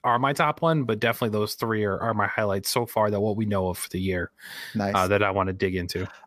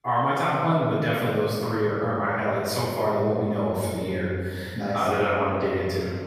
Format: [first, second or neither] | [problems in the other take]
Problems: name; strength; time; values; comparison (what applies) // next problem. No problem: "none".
first | off-mic speech; far // room echo; strong; dies away in 1.9 s